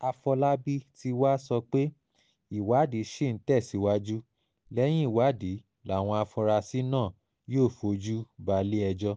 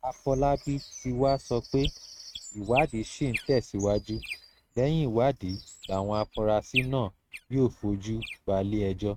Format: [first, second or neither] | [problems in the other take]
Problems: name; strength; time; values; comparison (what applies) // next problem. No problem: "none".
first | noise reduction (neural mask model RNNoise)